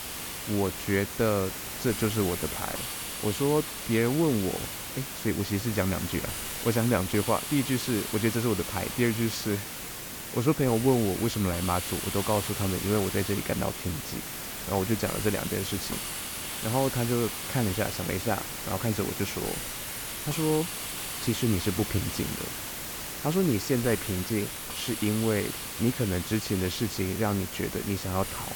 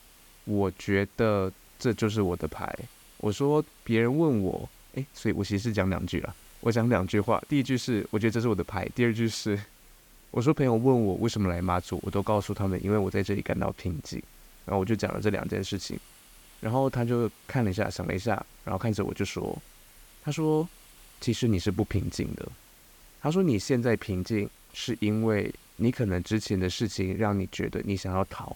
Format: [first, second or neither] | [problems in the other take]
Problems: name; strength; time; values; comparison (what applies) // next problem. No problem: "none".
second | hiss; loud; throughout; 4 dB below the speech; faint in the second